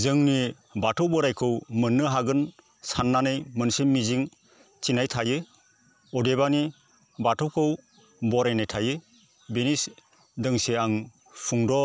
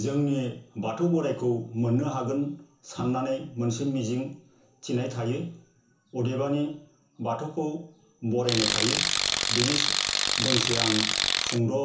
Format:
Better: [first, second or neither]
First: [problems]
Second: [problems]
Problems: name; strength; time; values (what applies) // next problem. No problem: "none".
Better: first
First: none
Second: background sound (Tools); 3 dB above the speech // room echo; dies away in 0.7 s